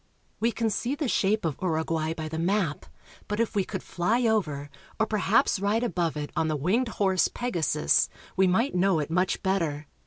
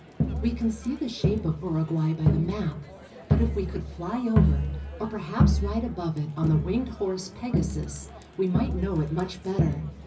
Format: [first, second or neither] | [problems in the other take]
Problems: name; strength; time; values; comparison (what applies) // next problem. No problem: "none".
first | background sound (Crowd); 1 dB above the speech // room echo; dies away in 0.4 s